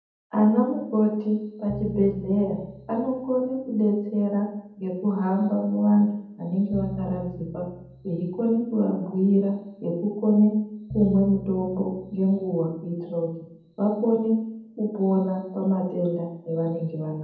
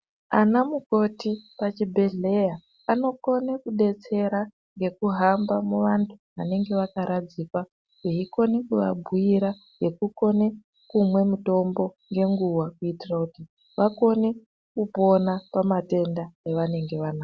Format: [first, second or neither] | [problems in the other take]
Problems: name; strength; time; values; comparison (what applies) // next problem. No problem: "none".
second | background sound (Piano); 17 dB below the speech // room echo; dies away in 0.8 s